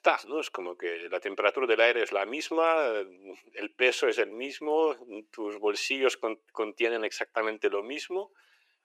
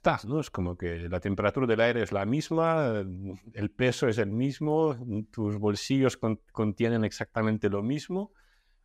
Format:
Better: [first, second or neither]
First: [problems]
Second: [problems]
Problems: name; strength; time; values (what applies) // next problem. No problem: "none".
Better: second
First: thin; very; fading below 350 Hz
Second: none